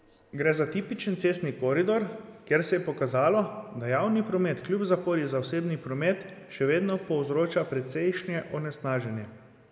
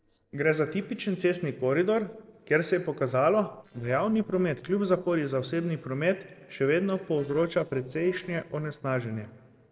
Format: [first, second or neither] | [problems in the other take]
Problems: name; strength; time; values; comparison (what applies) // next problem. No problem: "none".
first | noise reduction (neural separator model SepFormer DNS4)